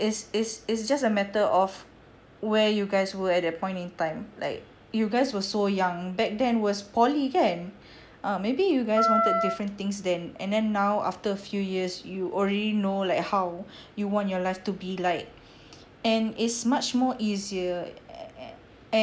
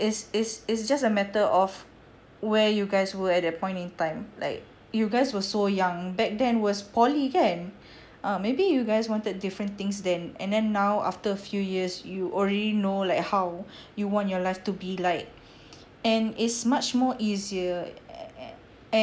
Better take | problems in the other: second | background sound (Wind instrument, woodwind instrument); 1 dB above the speech

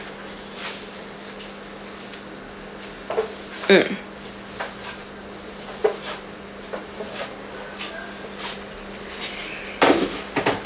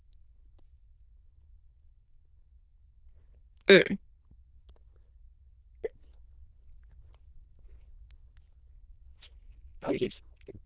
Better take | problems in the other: first | noise reduction (neural diffusion model UNIVERSE++)

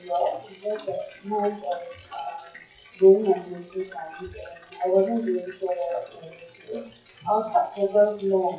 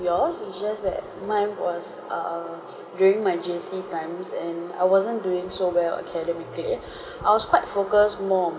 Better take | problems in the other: second | noise reduction (classical method WPE with log-MMSE)

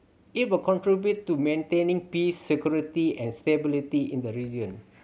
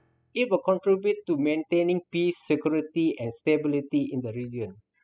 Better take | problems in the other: first | noise reduction (classical method spectral subtraction)

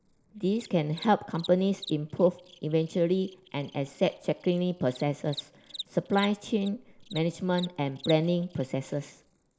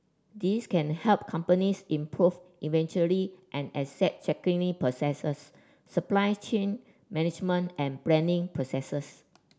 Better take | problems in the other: second | noise reduction (neural mask model Resemble Enhance denoiser)

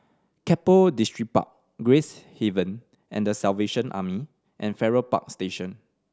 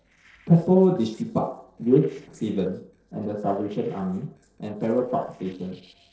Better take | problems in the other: first | noise reduction (neural separator model SepFormer DNS4)

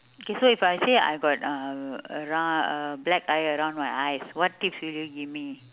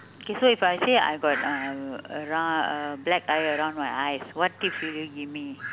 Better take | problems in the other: first | background sound (Fowl); 13 dB below the speech

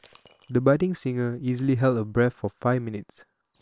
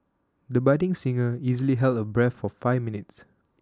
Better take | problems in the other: second | noise reduction (neural separator model SepFormer WHAM!)

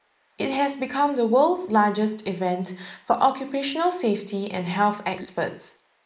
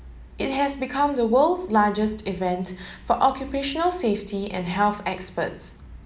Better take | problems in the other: second | noise reduction (neural mask model Resemble Enhance denoiser)

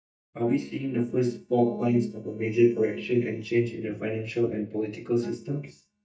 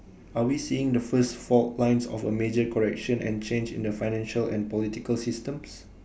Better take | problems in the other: second | noise reduction (neural mask model DeepFilterNet 3)

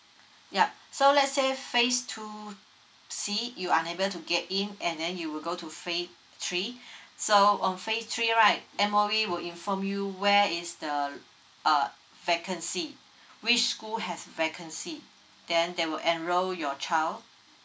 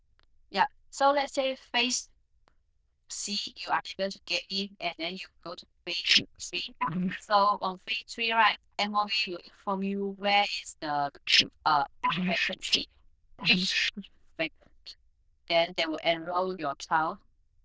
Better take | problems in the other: first | noise reduction (neural diffusion model UNIVERSE++)

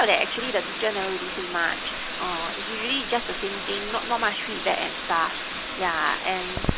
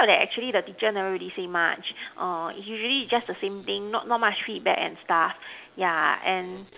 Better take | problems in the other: second | background sound (Bathtub (filling or washing)); 4 dB below the speech

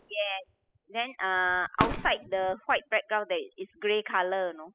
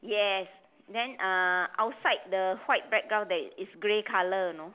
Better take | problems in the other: second | noise reduction (classical method spectral subtraction)

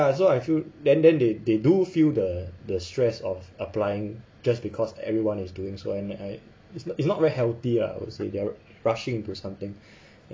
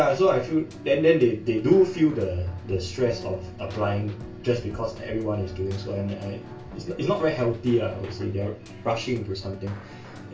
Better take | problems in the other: first | background sound (Keyboard (musical)); 16 dB below the speech // room echo; dies away in 0.3 s

